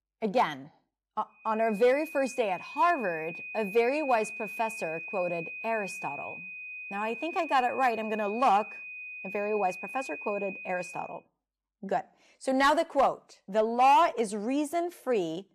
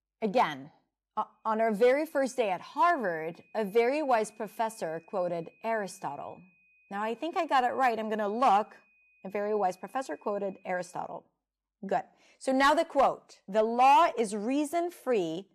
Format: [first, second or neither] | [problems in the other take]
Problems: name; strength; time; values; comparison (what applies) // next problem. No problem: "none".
second | high-pitched whine; loud; from 1.5 to 11 s; 2.5 kHz, 10 dB below the speech; faint in the second